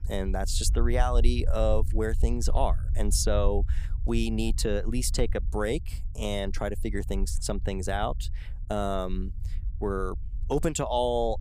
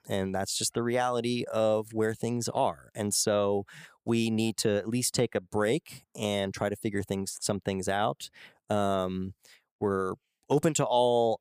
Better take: second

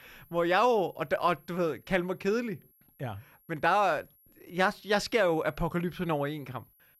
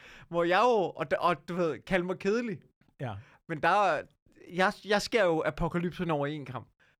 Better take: second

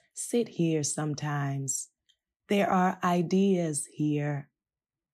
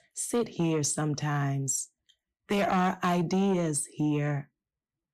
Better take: first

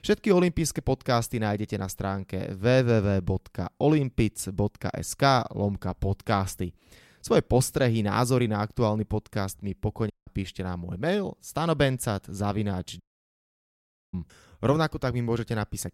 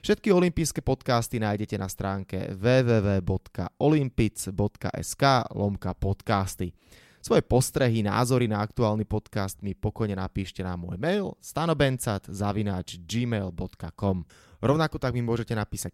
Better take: second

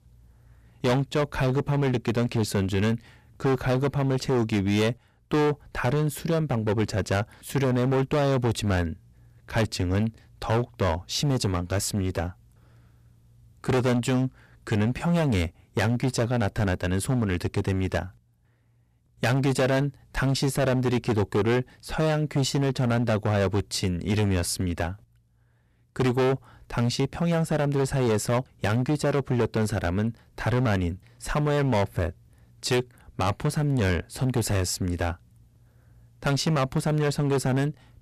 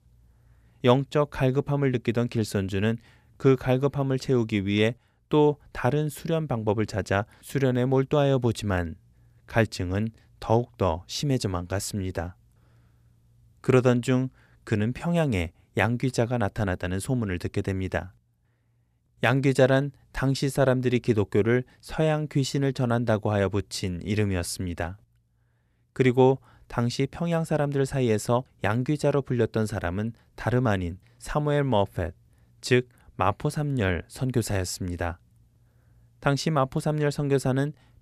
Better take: second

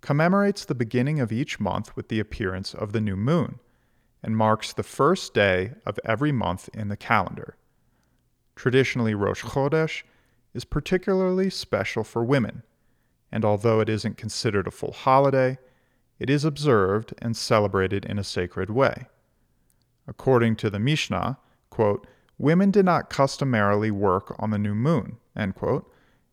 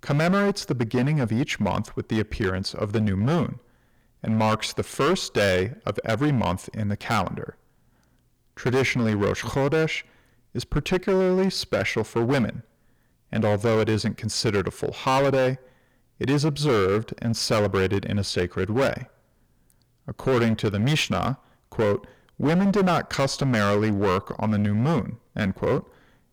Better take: first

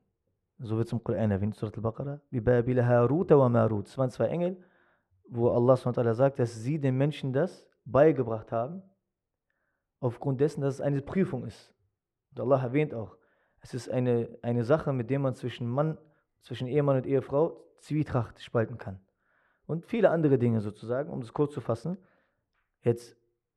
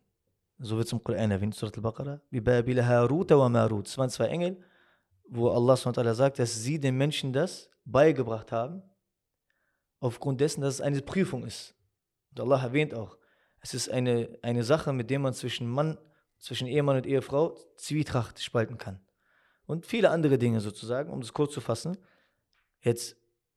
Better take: second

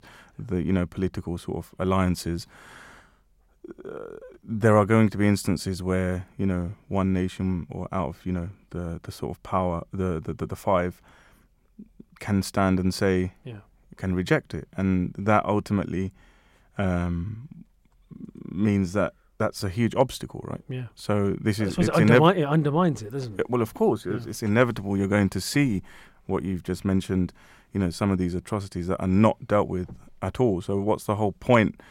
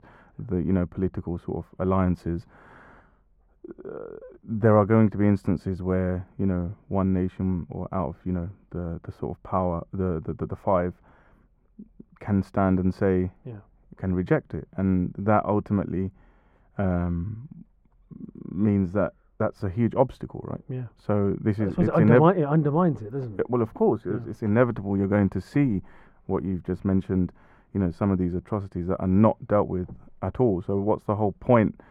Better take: first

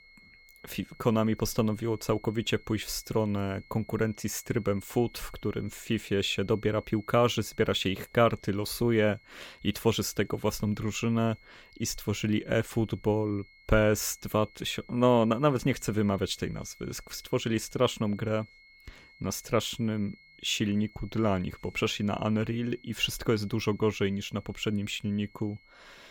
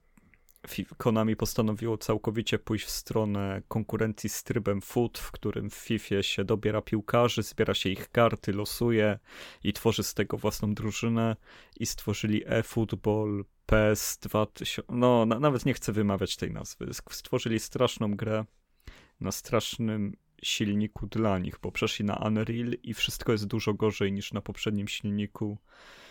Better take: second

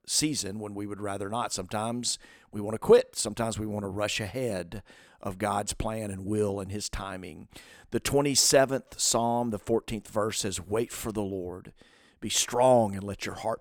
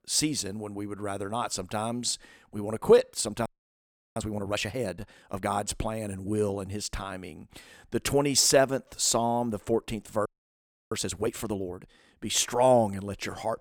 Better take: first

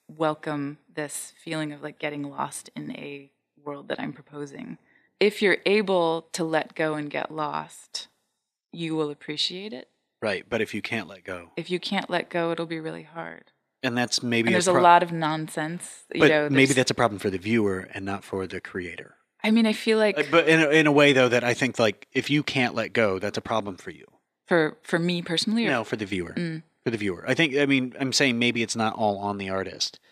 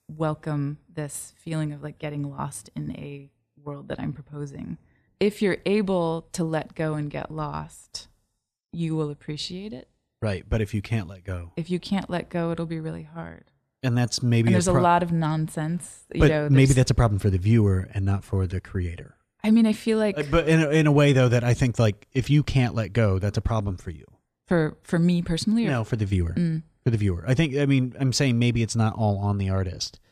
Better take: second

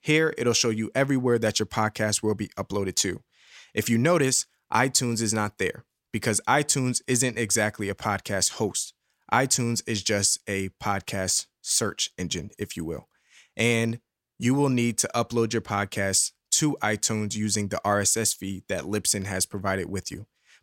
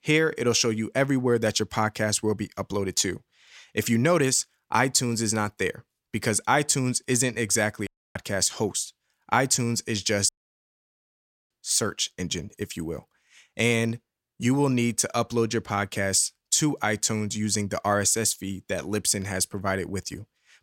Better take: first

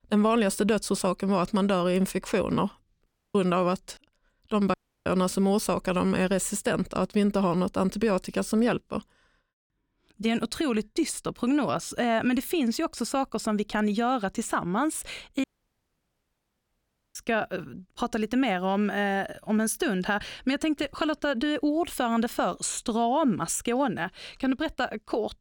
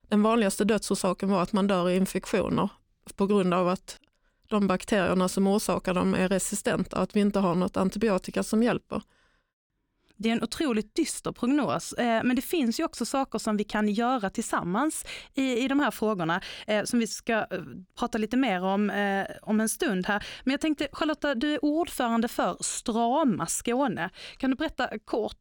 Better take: second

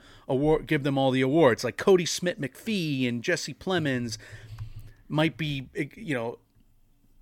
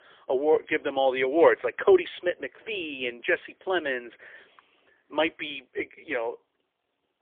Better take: first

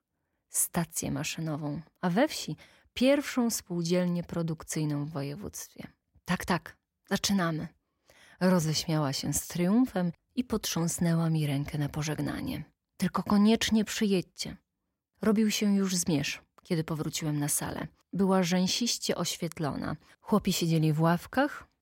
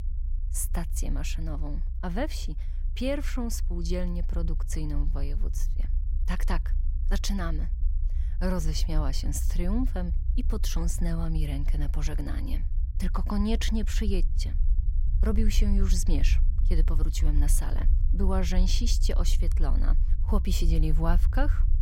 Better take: first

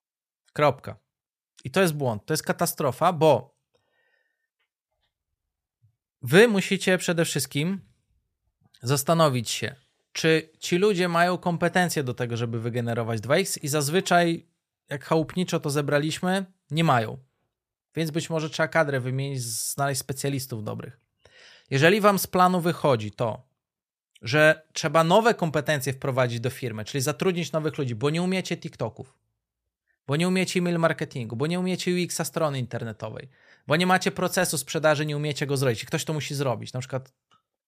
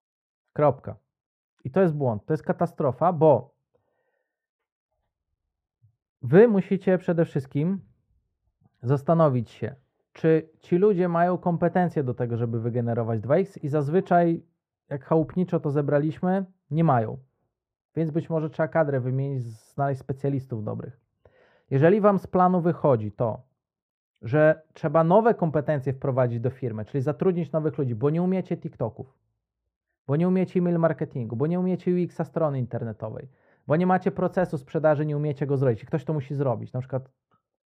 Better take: first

